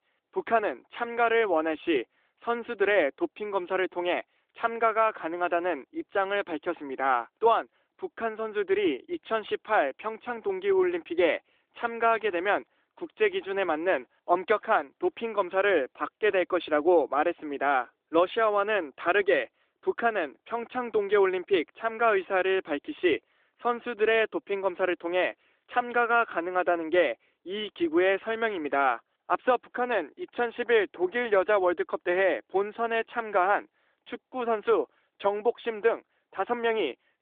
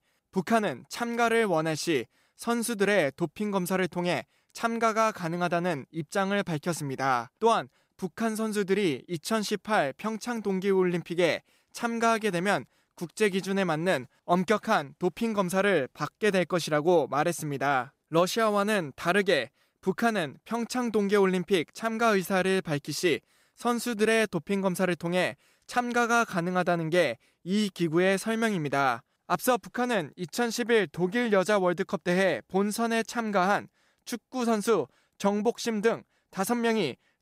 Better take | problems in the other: second | phone-call audio

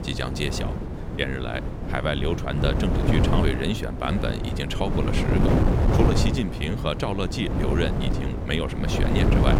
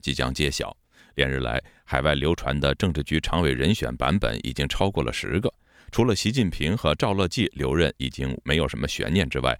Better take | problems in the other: second | wind noise on the microphone; heavy; 2 dB below the speech

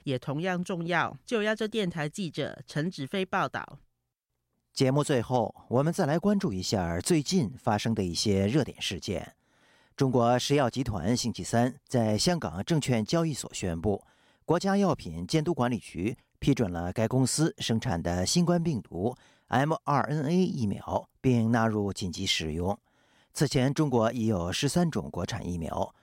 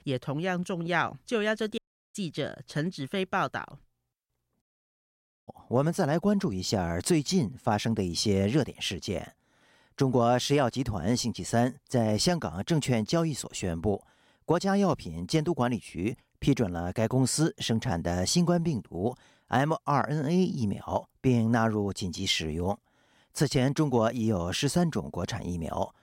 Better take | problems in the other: first | audio cutting out; at 2 s and at 4.5 s for 1 s

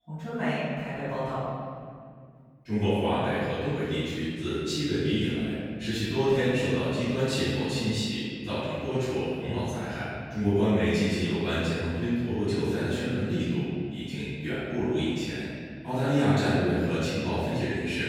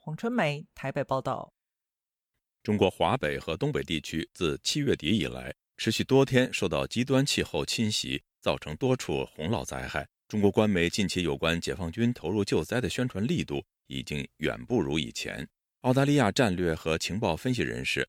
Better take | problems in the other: second | off-mic speech; far // room echo; strong; dies away in 2.2 s

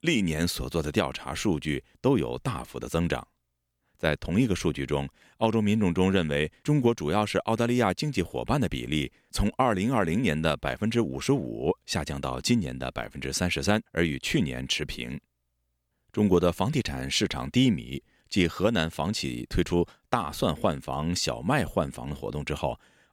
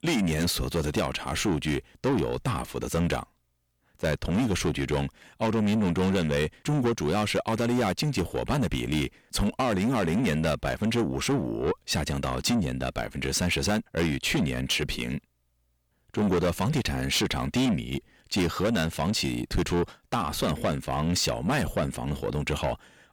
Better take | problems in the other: first | distortion; heavy; 7 dB below the speech

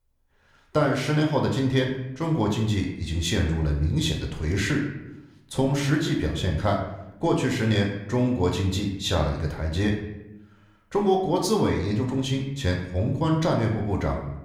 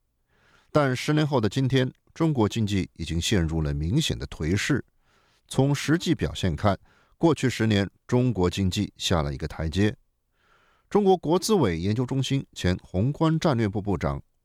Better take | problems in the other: second | room echo; slight; dies away in 0.7 s // off-mic speech; somewhat distant

